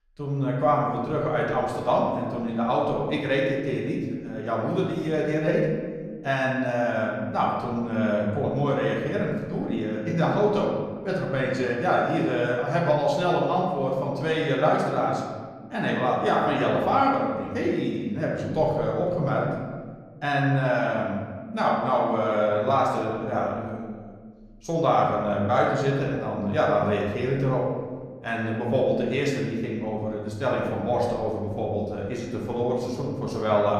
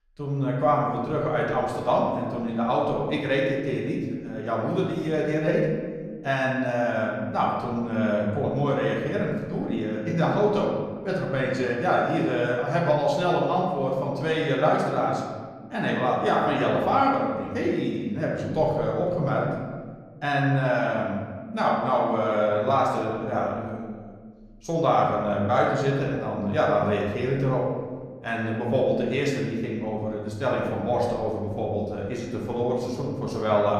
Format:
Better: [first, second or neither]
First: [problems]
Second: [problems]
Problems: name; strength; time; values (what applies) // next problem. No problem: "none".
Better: neither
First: room echo; noticeable; dies away in 1.4 s // off-mic speech; far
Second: room echo; noticeable; dies away in 1.4 s // off-mic speech; far